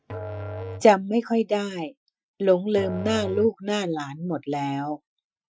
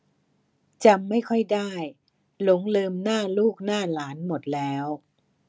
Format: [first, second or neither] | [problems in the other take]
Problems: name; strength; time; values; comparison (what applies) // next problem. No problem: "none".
second | noise reduction (classical method Wiener filter)